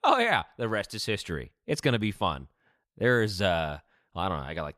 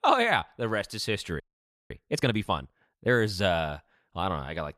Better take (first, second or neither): first